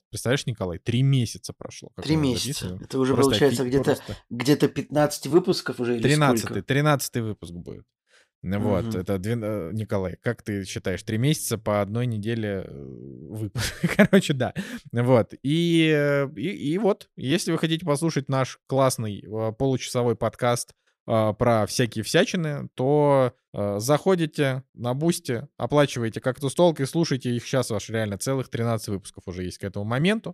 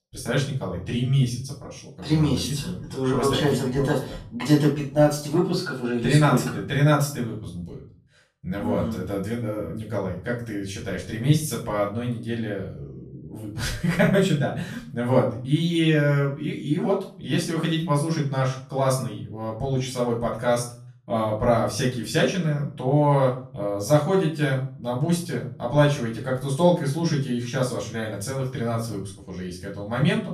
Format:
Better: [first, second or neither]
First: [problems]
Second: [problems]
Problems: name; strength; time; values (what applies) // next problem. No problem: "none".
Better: first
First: none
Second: off-mic speech; far // room echo; slight; dies away in 0.4 s